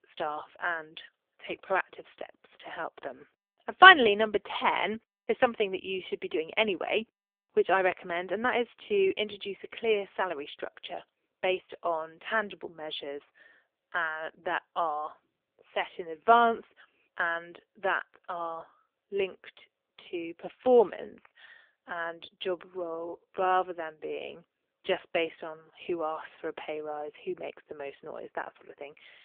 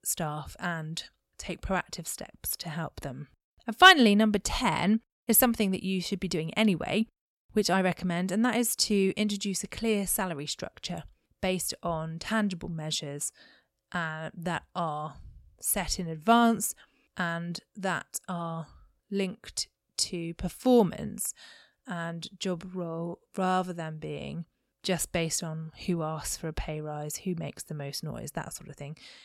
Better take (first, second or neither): second